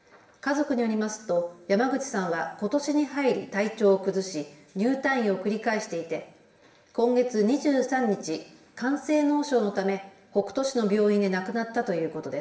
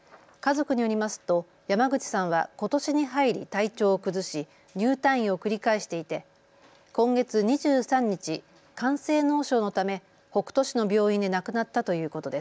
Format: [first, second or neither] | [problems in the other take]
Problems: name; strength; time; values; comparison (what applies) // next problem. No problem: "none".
second | room echo; dies away in 1 s